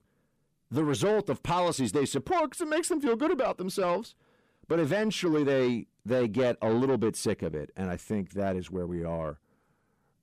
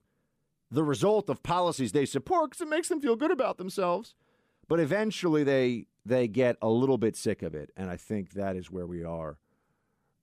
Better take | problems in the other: second | distortion; slight; 10 dB below the speech

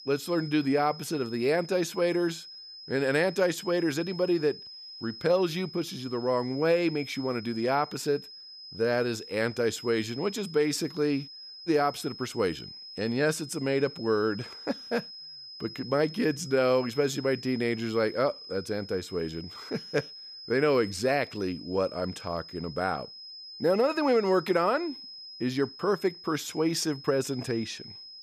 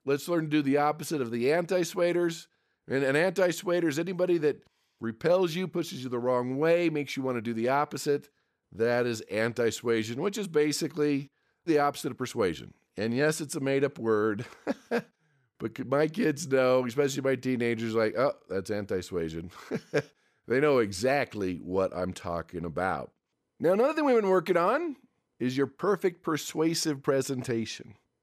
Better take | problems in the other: second | high-pitched whine; noticeable; throughout; 5 kHz, 15 dB below the speech

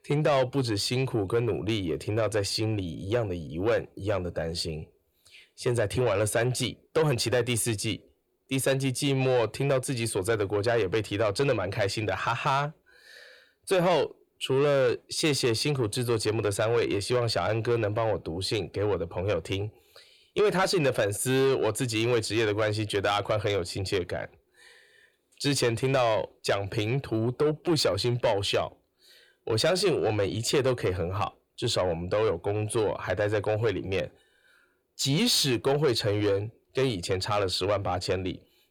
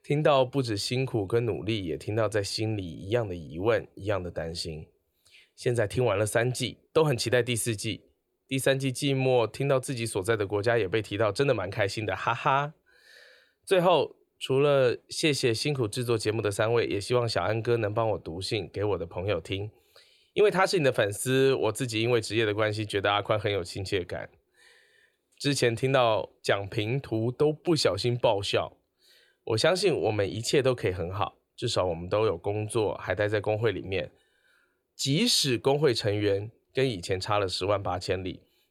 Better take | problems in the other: second | distortion; slight; 10 dB below the speech

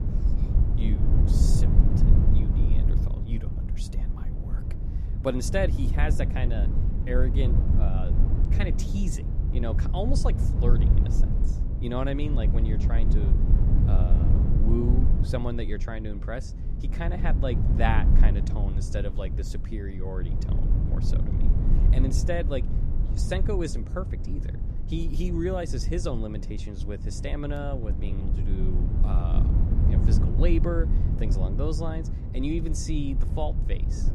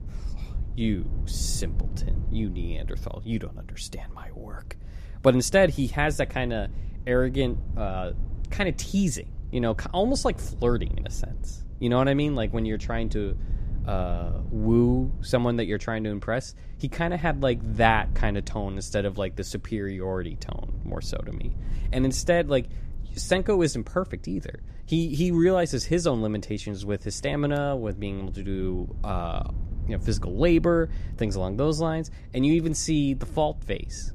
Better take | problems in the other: second | low rumble; loud; throughout; 5 dB below the speech; faint in the second

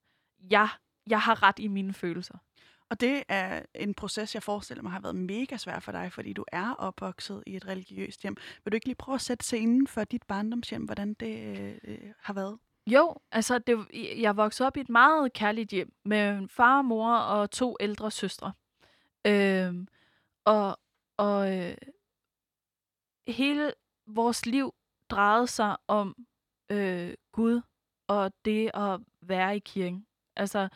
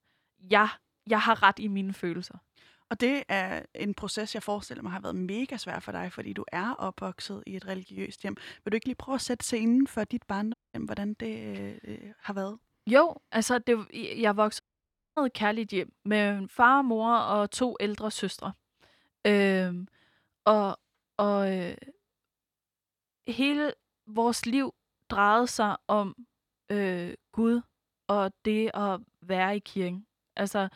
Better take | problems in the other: first | audio cutting out; at 11 s and at 15 s for 0.5 s

